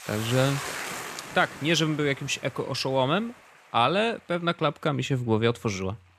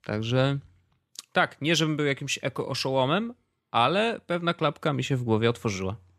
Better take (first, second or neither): second